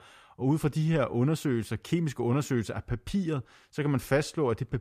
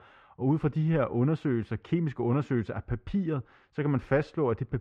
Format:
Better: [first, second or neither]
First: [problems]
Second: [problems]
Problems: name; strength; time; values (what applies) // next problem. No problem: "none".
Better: first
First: none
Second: muffled; very; fading above 2 kHz